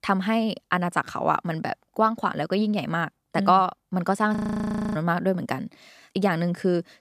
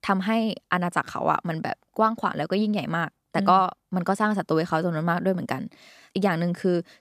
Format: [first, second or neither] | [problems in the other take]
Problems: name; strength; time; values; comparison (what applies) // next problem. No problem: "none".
second | audio freezing; at 4.5 s for 0.5 s